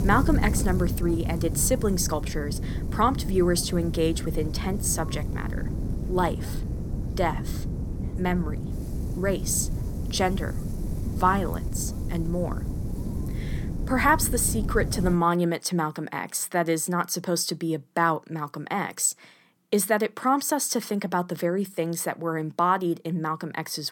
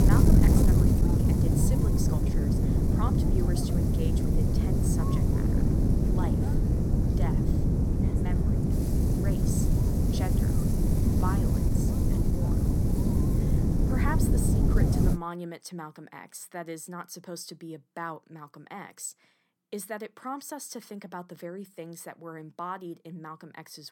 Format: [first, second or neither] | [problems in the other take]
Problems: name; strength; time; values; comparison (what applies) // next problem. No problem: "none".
first | wind noise on the microphone; heavy; until 15 s; 5 dB above the speech; occasional gusts in the first